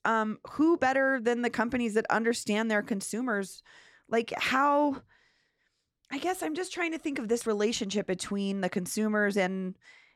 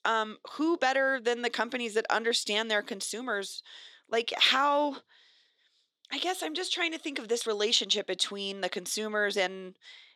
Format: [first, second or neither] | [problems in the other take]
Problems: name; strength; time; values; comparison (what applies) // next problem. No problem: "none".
first | thin; somewhat; fading below 400 Hz